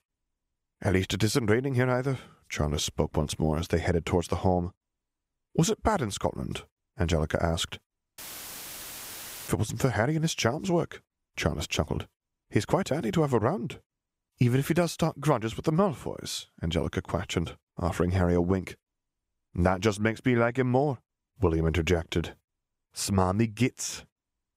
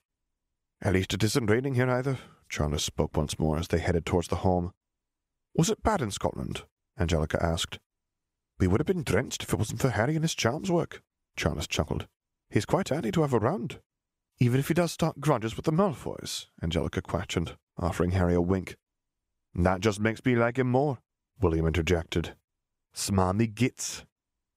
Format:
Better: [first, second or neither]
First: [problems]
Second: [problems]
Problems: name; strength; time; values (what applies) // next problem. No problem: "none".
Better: second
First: audio cutting out; filled with static; at 8 s for 1.5 s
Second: none